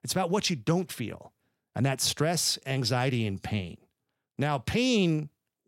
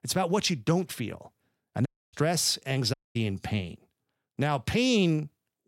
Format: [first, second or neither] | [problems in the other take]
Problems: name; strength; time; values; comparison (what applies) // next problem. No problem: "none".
first | audio cutting out; at 2 s and at 3 s